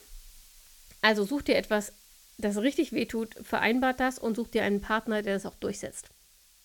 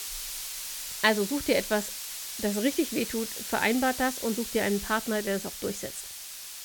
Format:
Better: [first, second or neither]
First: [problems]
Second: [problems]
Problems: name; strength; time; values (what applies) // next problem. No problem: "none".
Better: first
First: hiss; faint; throughout; 25 dB below the speech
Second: hiss; loud; throughout; 6 dB below the speech